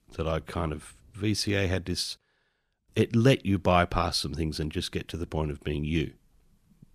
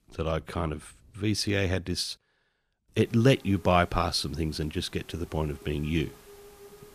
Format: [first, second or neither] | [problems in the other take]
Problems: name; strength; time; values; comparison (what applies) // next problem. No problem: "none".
first | hiss; faint; from 3 s on; 25 dB below the speech